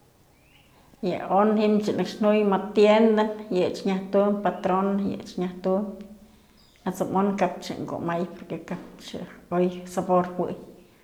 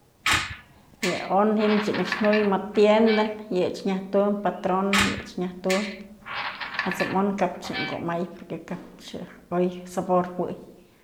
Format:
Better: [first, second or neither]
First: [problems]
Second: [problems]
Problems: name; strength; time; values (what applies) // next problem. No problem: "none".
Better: first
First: none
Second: background sound (Squeak); 6 dB below the speech